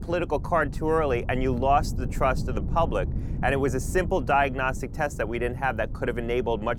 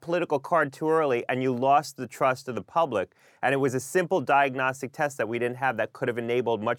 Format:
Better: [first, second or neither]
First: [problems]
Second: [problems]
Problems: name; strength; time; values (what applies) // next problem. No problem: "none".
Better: second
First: wind noise on the microphone; occasional gusts; 20 dB below the speech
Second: none